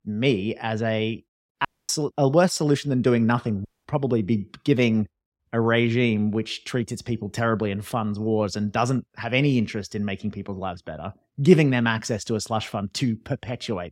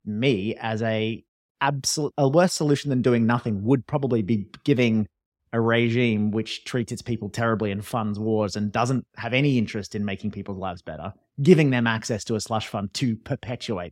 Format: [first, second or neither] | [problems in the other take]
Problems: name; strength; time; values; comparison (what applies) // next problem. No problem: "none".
second | audio cutting out; at 1.5 s and at 3.5 s